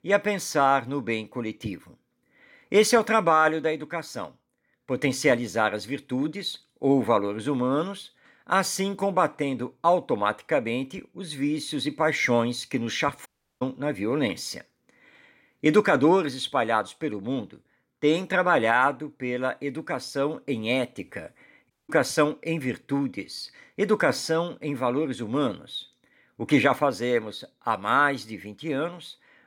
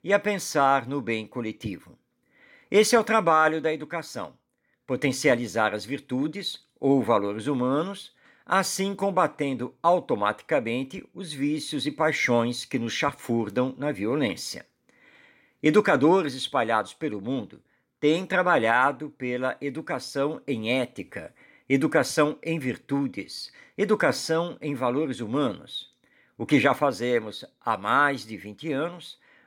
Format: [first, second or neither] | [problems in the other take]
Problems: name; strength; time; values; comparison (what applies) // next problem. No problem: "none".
second | audio cutting out; at 13 s and at 22 s